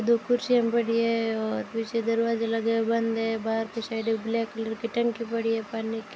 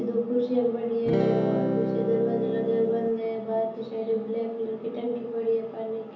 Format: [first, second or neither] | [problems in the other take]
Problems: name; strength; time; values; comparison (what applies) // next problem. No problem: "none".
first | background sound (Electric guitar / Strum); as loud as the speech // room echo; dies away in 0.7 s